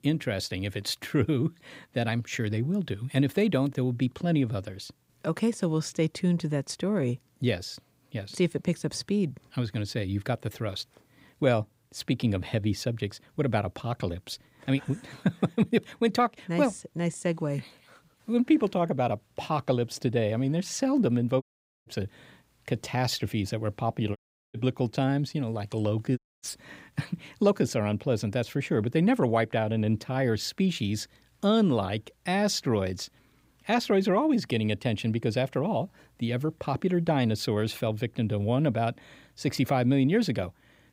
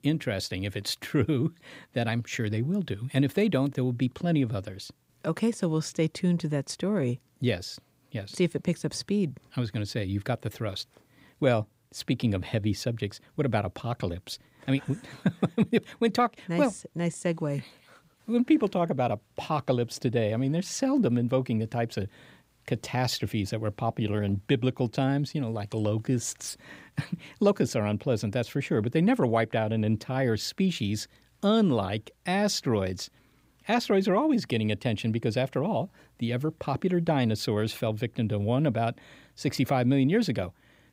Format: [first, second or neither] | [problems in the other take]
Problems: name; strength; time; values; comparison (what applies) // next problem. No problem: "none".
second | audio cutting out; at 21 s, at 24 s and at 26 s